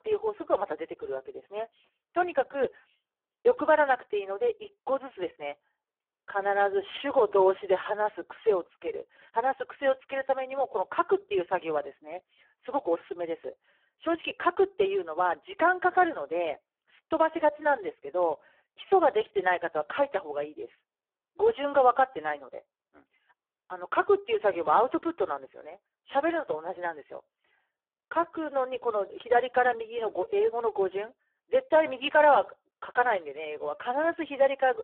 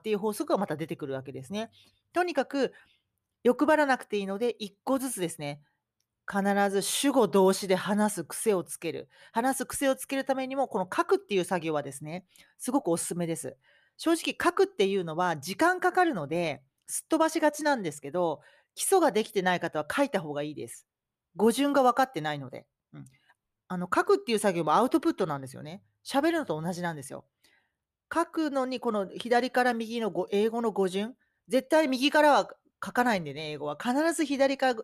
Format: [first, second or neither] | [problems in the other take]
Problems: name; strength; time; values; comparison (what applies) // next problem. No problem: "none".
second | phone-call audio; poor line